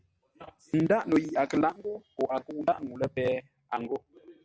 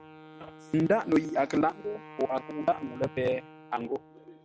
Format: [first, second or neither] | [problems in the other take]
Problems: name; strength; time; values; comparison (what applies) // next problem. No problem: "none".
first | background sound (Wind instrument, woodwind instrument); 19 dB below the speech